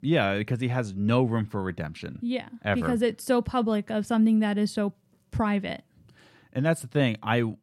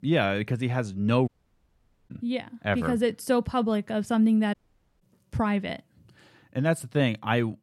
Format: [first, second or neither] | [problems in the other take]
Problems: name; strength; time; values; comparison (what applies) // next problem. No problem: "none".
first | audio cutting out; at 1.5 s for 1 s and at 4.5 s